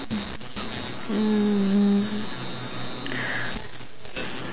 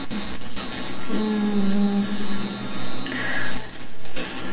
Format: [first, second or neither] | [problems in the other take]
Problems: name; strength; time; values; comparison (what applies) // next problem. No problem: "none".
first | room echo; dies away in 2.5 s